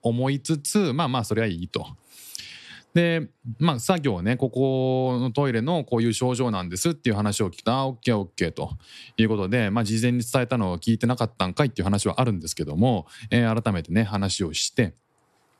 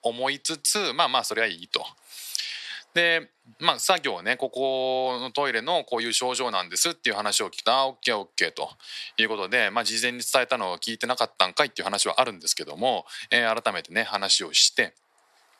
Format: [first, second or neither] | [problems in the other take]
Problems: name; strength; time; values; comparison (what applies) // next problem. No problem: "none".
first | thin; very; fading below 650 Hz